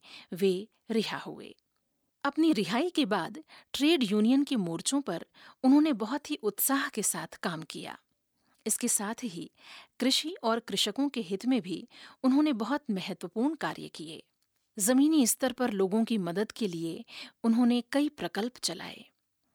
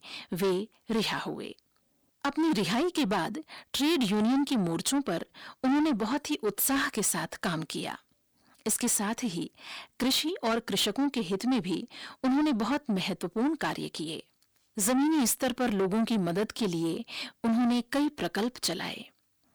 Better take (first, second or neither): first